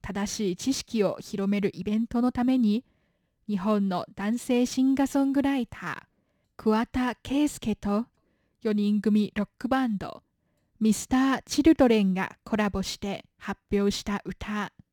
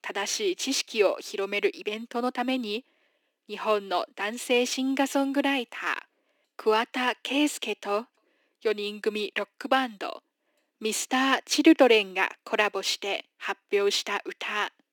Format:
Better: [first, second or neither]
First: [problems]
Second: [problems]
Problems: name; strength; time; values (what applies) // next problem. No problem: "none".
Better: first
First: none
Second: thin; somewhat; fading below 300 Hz